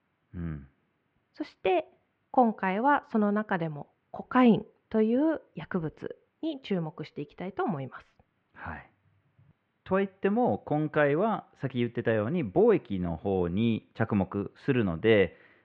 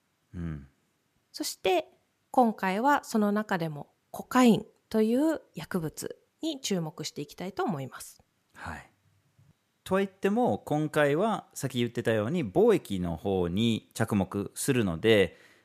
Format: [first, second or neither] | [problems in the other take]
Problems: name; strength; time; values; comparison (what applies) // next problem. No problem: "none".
second | muffled; very; fading above 2.5 kHz